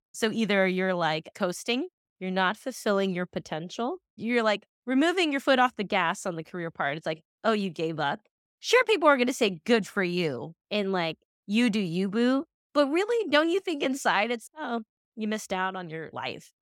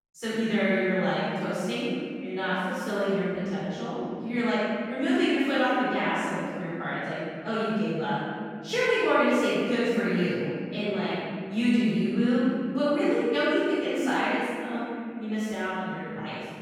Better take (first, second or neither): first